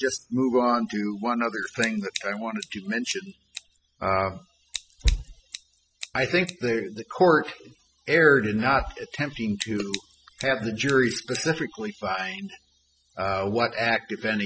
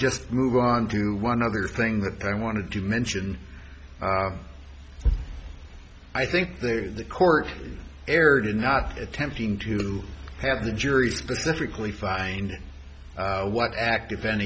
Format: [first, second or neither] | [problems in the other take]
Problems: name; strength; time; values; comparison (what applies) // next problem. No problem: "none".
second | noise reduction (classical method spectral subtraction)